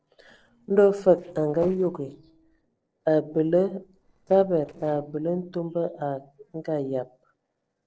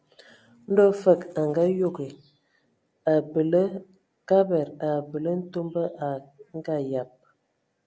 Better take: second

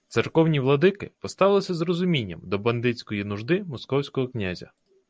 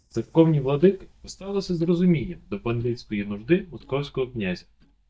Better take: first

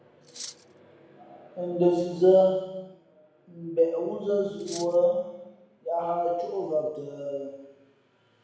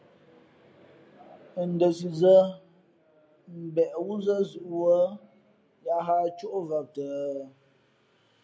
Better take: second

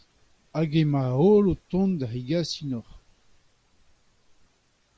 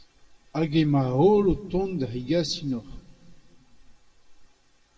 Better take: first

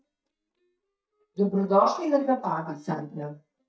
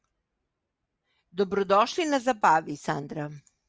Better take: second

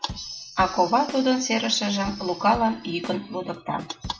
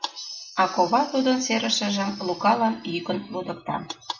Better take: second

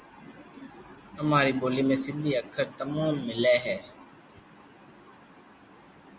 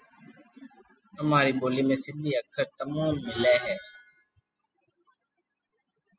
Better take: first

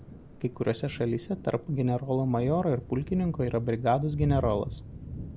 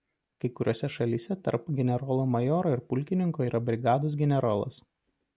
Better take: second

